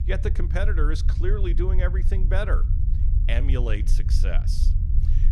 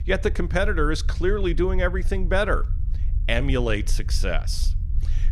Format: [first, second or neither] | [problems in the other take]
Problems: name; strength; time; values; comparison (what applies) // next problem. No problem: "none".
second | low rumble; loud; throughout; 10 dB below the speech; faint in the second